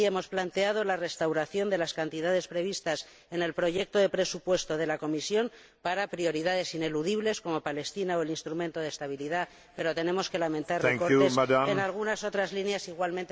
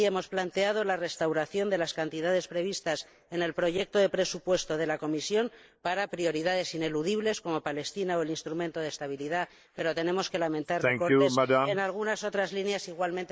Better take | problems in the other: first | noise reduction (neural mask model Resemble Enhance denoiser)

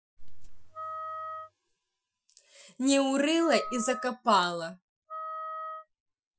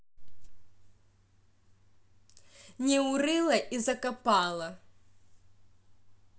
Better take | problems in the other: second | noise reduction (classical method Wiener filter)

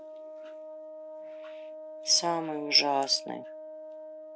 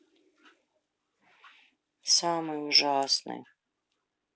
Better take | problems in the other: second | background sound (Wind instrument, woodwind instrument); 11 dB below the speech

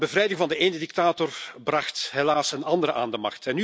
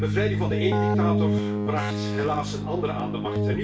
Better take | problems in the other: first | background sound (Keyboard (musical)); 5 dB above the speech // room echo; dies away in 0.3 s

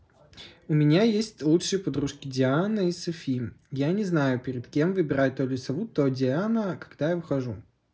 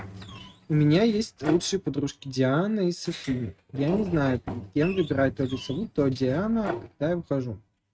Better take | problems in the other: first | noise reduction (neural mask model RNNoise)

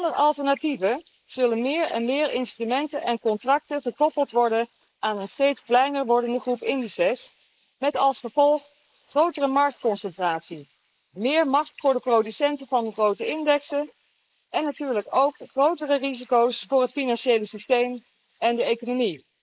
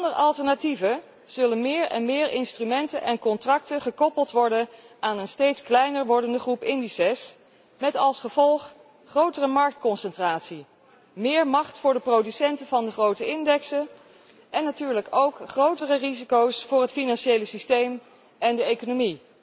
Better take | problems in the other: second | noise reduction (neural mask model Resemble Enhance denoiser)

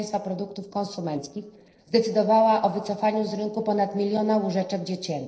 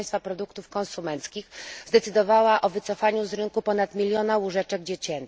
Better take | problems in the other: second | noise reduction (neural separator model SepFormer DNS4)

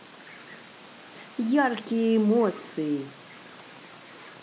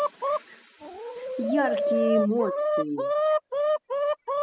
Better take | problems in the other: first | noise reduction (classical method spectral subtraction)

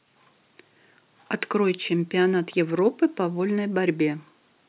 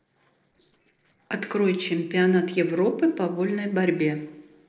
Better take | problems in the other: first | noise reduction (neural separator model SepFormer DNS4)

